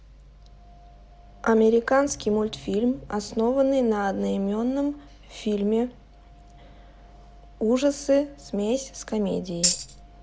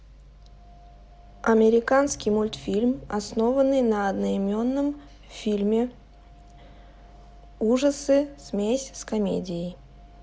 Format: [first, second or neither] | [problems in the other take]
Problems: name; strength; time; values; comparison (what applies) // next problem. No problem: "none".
second | background sound (Tambourine); 1 dB below the speech